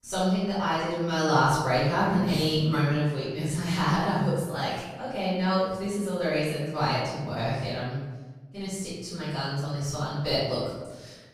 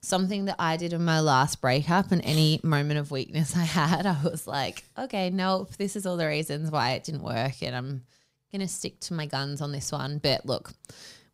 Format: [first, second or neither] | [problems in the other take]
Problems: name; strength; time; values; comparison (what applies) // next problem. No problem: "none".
second | off-mic speech; far // room echo; strong; dies away in 1 s